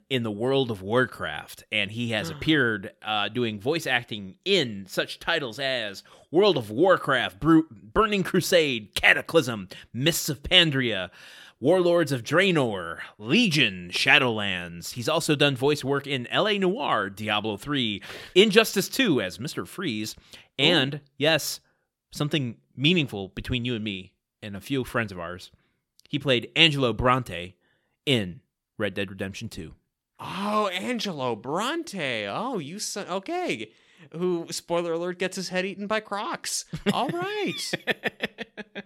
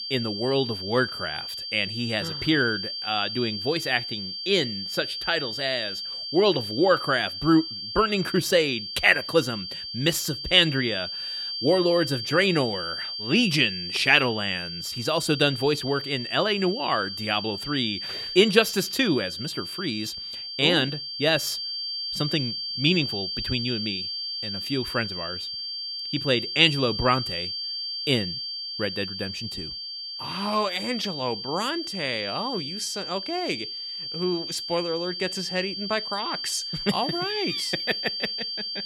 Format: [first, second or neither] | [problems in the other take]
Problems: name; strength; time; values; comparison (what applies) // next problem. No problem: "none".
first | high-pitched whine; loud; throughout; 4.5 kHz, 5 dB below the speech